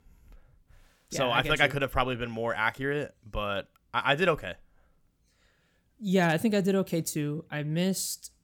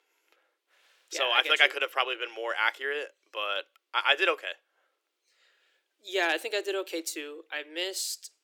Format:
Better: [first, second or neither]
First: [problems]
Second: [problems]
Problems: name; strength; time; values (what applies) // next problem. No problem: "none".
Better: first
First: none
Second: thin; very; fading below 300 Hz